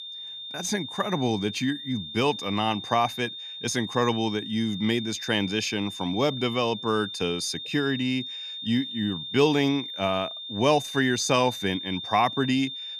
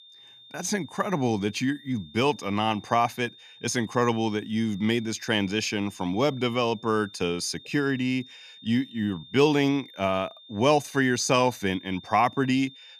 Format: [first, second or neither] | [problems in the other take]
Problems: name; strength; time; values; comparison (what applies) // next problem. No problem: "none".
second | high-pitched whine; loud; throughout; 3.5 kHz, 8 dB below the speech; faint in the second